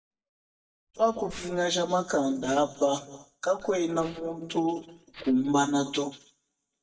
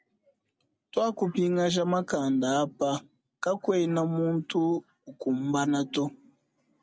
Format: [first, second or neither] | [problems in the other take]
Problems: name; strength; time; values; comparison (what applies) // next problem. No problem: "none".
second | noise reduction (neural mask model DeepFilterNet 3)